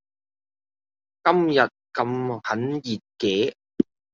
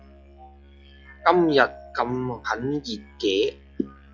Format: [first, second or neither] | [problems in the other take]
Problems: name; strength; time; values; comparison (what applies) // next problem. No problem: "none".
first | noise reduction (classical method log-MMSE)